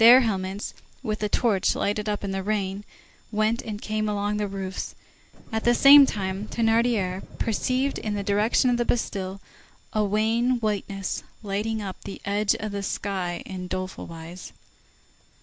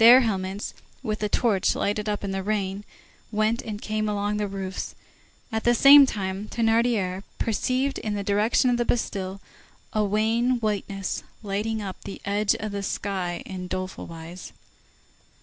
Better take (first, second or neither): second